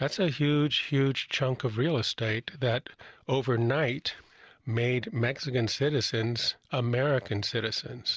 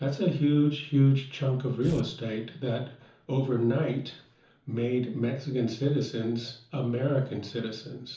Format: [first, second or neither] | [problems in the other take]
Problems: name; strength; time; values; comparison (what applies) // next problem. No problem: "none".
first | background sound (Tearing); 15 dB below the speech // room echo; dies away in 0.9 s